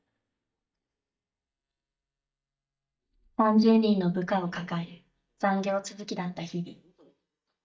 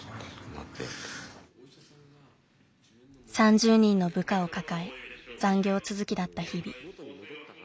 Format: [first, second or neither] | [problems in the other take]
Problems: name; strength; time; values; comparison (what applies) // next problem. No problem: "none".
second | noise reduction (neural mask model DeepFilterNet 3)